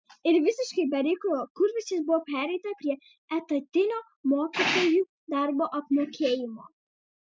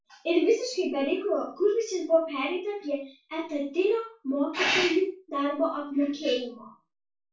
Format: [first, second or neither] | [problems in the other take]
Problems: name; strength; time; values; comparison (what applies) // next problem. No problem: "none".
first | room echo; dies away in 0.3 s